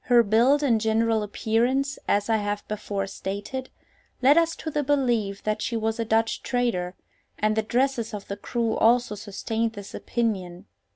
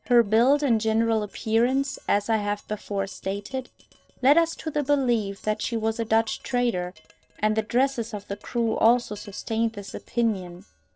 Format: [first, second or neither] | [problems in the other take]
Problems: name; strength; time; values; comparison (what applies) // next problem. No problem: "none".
first | noise reduction (neural separator model SepFormer DNS4)